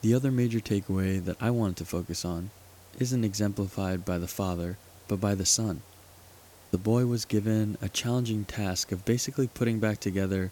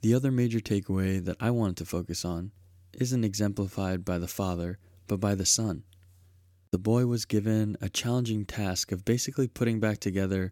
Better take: second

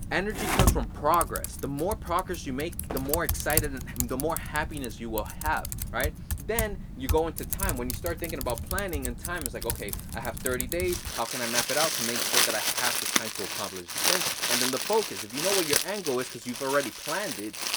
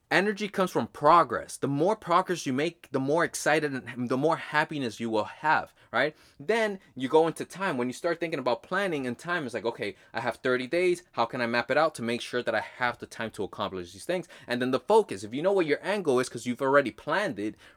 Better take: second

